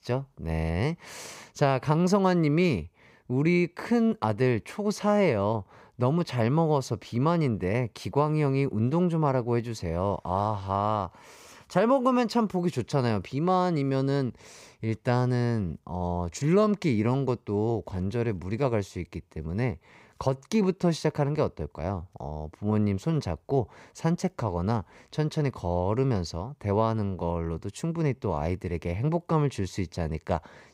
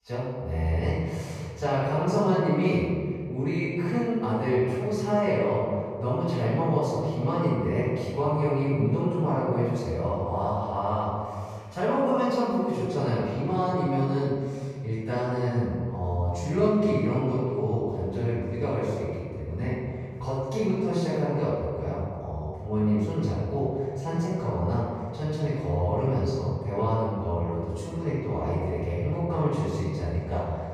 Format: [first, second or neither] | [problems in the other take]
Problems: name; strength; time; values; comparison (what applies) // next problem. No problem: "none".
first | off-mic speech; far // room echo; strong; dies away in 2 s